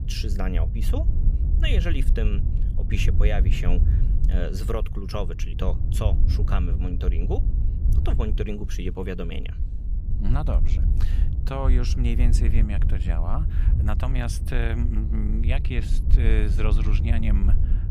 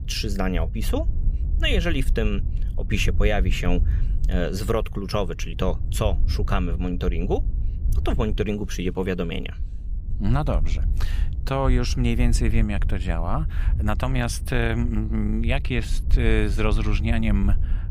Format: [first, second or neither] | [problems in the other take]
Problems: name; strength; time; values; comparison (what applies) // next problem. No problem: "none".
second | wind noise on the microphone; heavy; 8 dB below the speech; occasional gusts in the second